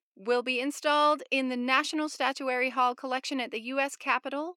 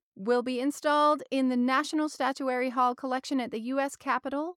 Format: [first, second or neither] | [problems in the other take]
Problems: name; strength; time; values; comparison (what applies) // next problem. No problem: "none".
second | thin; very slightly; fading below 300 Hz